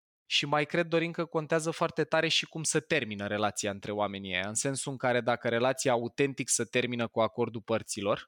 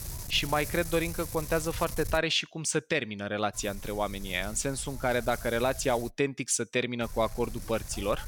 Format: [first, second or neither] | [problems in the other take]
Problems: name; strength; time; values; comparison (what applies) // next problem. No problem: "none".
first | wind noise on the microphone; occasional gusts; until 2 s, from 3.5 to 6 s and from 7 s on; 15 dB below the speech